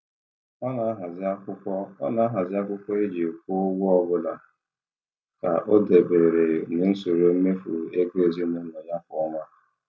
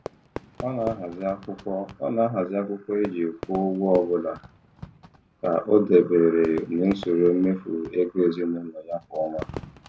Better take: first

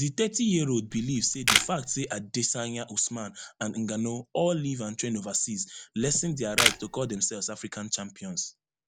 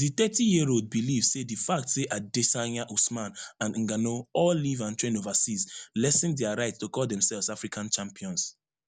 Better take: second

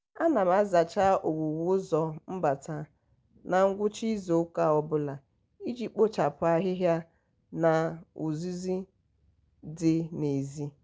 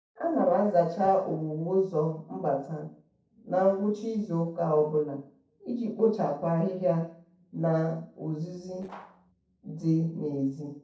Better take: first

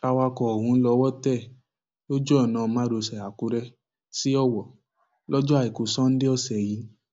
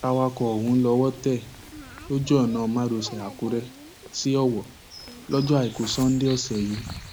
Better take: first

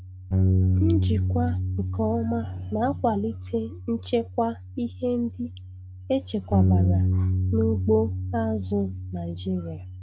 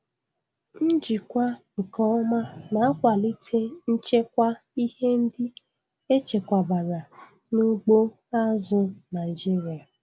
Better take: second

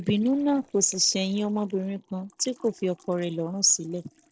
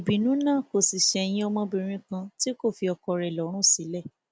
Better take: second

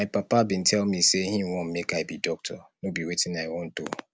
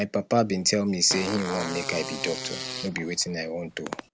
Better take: first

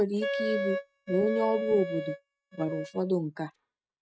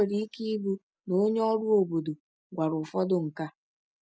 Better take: second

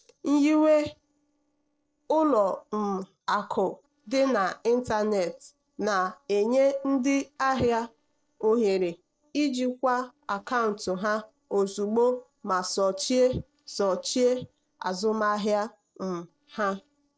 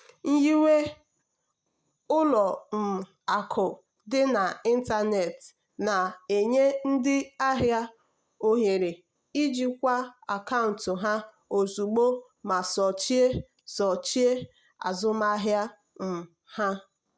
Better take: second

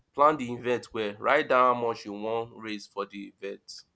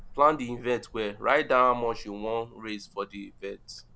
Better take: first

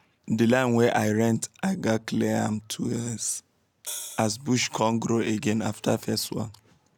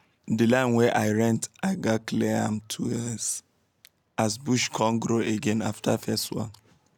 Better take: second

